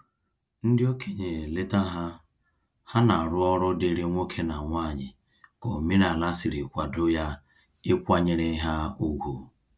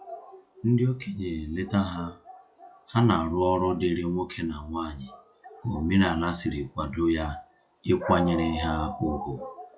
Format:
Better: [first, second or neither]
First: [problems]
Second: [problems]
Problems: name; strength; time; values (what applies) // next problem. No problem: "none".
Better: first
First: none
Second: noise reduction (classical method log-MMSE)